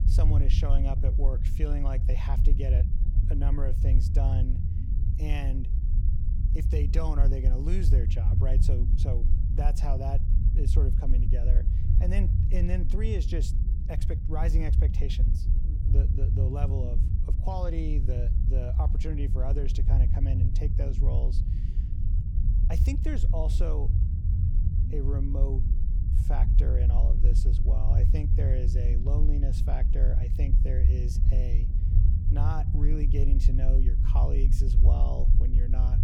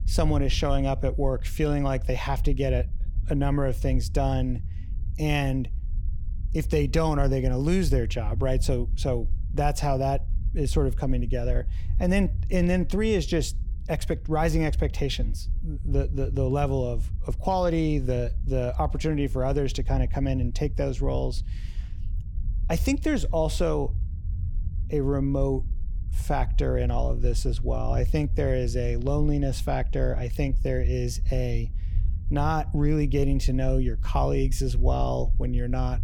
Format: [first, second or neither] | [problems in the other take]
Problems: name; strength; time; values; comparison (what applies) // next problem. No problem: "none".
second | low rumble; loud; throughout; 4 dB below the speech; faint in the second